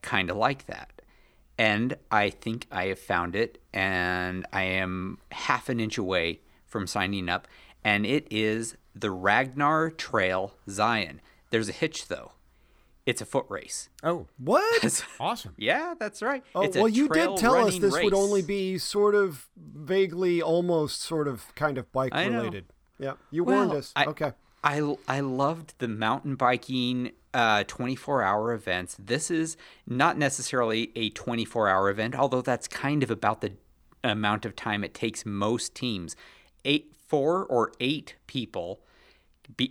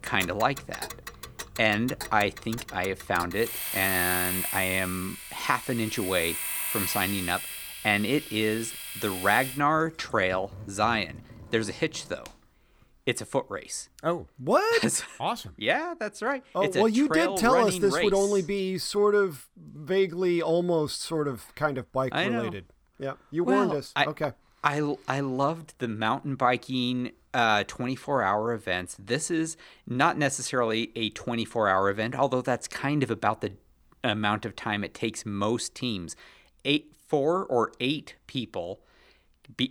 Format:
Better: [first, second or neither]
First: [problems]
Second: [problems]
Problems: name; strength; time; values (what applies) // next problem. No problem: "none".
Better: first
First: none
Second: household noises; loud; until 12 s; 6 dB below the speech